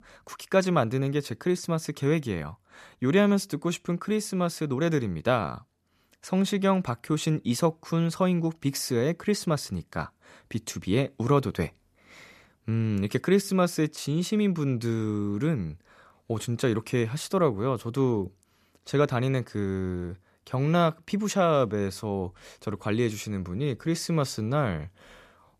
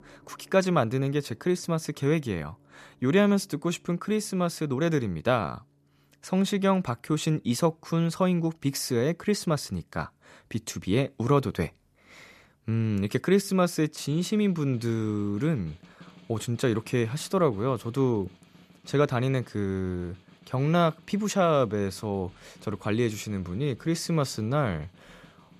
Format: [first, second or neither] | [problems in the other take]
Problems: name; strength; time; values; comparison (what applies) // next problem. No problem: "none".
first | background music; faint; throughout; 30 dB below the speech